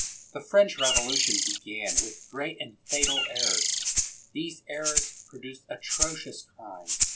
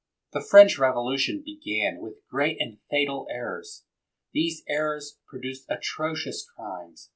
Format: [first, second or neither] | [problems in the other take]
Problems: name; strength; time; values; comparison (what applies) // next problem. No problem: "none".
second | background sound (Bird + Rattle (instrument)); 3 dB above the speech